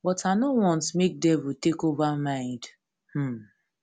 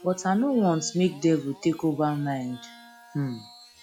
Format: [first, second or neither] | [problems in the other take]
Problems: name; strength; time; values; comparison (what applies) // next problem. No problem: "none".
first | noise reduction (classical method log-MMSE)